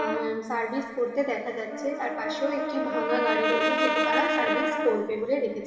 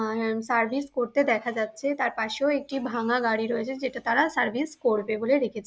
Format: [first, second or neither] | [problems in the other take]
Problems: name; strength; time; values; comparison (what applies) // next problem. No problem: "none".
second | background sound (Brass instrument); as loud as the speech // room echo; dies away in 2.3 s